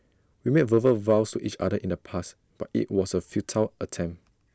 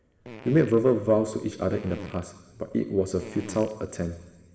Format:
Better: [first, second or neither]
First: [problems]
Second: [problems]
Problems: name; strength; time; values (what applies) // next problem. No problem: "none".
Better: first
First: none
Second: background sound (Fart); 18 dB below the speech // room echo; dies away in 1.7 s